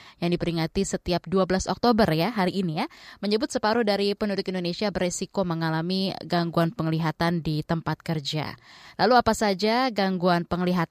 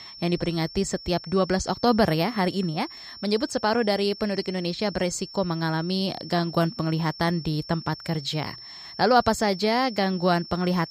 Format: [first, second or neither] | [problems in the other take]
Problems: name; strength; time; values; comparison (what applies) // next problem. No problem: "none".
first | high-pitched whine; noticeable; throughout; 5.5 kHz, 15 dB below the speech